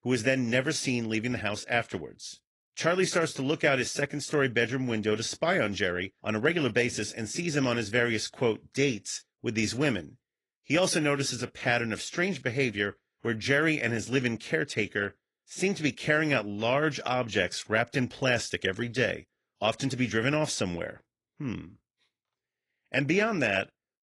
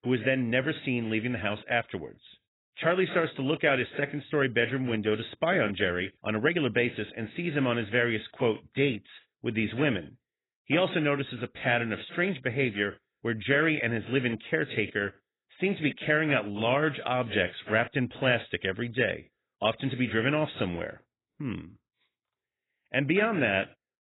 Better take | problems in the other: first | garbled, watery; badly; nothing above 4 kHz; slightly in the first

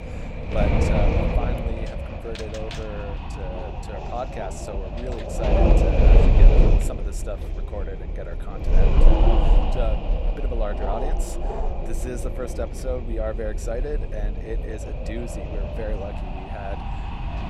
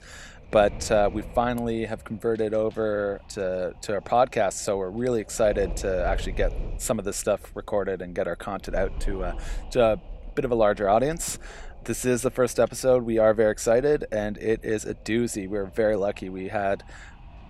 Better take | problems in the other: second | wind noise on the microphone; heavy; 3 dB above the speech; occasional gusts in the second

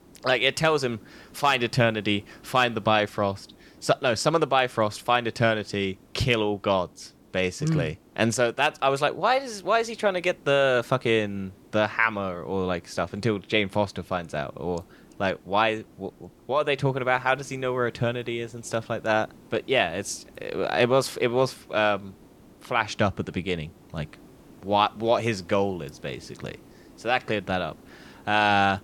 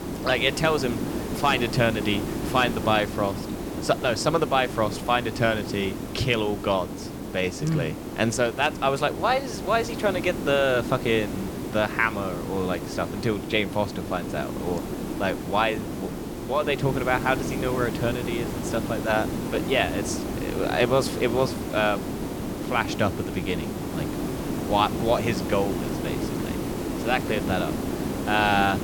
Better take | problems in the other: first | hiss; loud; throughout; 5 dB below the speech; faint in the first

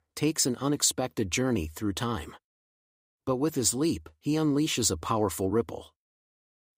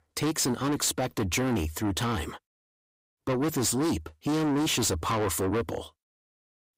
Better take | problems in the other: first | distortion; heavy; 6 dB below the speech

